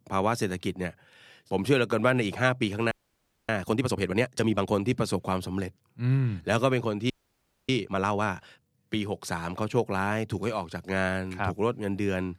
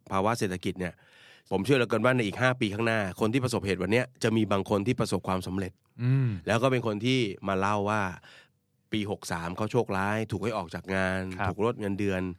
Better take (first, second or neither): second